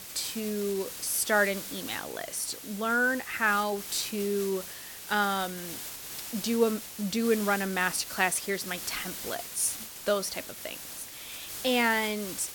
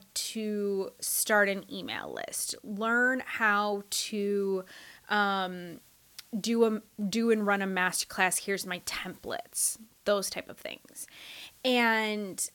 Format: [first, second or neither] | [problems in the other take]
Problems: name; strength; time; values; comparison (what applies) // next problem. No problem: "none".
second | hiss; loud; throughout; 9 dB below the speech; faint in the second